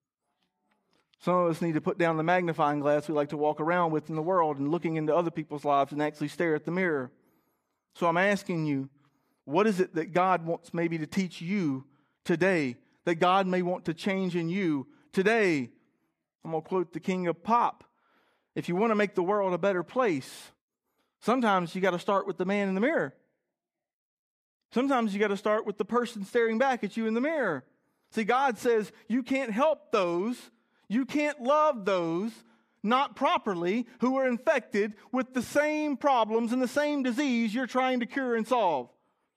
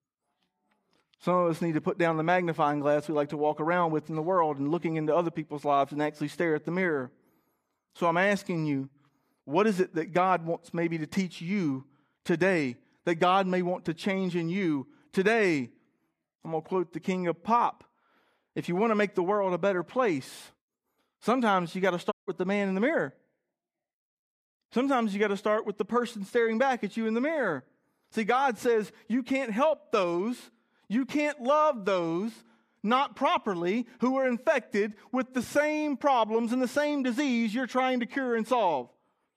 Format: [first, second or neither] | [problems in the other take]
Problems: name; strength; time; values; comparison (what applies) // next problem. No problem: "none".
first | audio cutting out; at 22 s